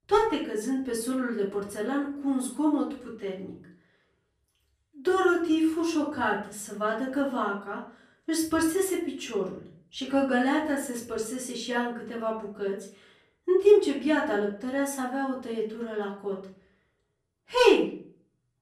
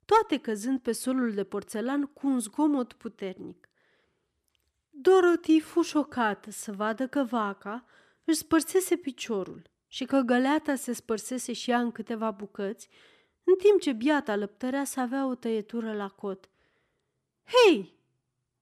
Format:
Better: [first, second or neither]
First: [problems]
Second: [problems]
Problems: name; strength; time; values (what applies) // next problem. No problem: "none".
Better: second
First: room echo; slight; dies away in 0.4 s // off-mic speech; far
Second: none